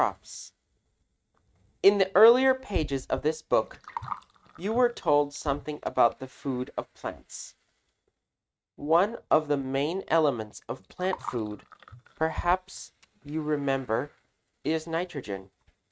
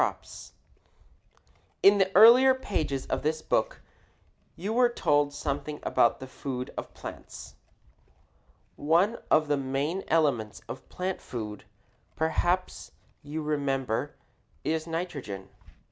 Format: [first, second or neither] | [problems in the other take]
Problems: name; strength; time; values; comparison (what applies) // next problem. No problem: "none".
second | noise reduction (neural mask model RNNoise)